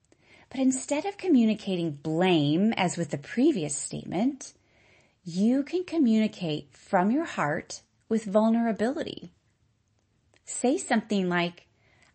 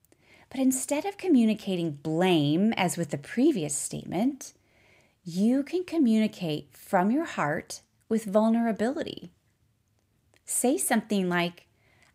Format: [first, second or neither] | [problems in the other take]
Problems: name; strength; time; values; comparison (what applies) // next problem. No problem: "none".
second | garbled, watery; slightly; nothing above 8 kHz